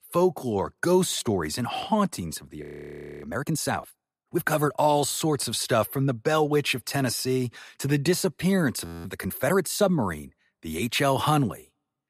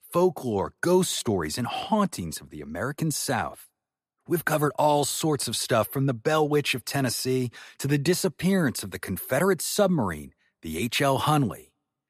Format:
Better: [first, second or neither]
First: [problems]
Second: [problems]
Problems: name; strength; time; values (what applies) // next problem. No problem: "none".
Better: second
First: audio freezing; at 2.5 s for 0.5 s and at 9 s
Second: none